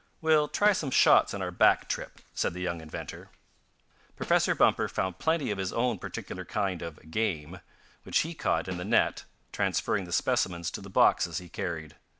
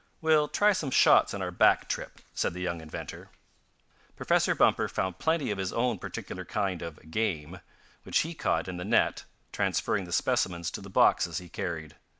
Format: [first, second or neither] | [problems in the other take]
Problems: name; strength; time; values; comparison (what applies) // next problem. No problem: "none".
second | background sound (Snare drum); 18 dB below the speech